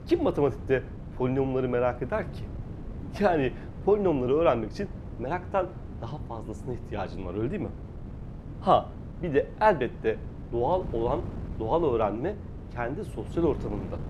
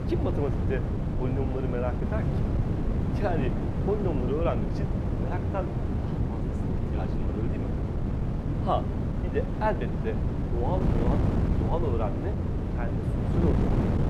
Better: first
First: wind noise on the microphone; occasional gusts; 20 dB below the speech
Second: wind noise on the microphone; heavy; 3 dB below the speech

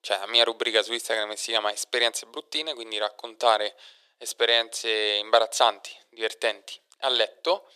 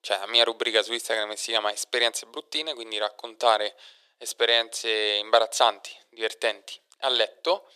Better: neither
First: thin; very; fading below 400 Hz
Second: thin; very; fading below 400 Hz

